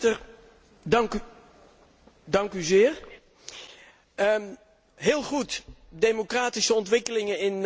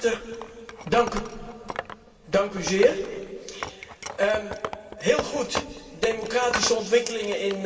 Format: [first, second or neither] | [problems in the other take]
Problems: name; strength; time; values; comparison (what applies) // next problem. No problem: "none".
first | background sound (Wood); 10 dB below the speech // room echo; dies away in 2.5 s